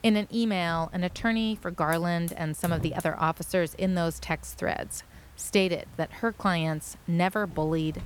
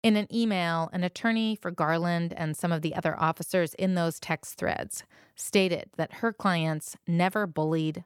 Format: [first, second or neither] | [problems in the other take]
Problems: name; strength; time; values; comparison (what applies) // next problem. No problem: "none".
second | hiss; noticeable; throughout; 15 dB below the speech